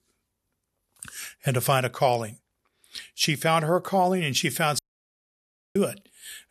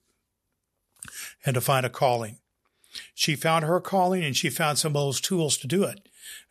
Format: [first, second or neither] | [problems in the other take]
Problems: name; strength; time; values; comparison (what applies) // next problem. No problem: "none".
second | audio cutting out; at 5 s for 1 s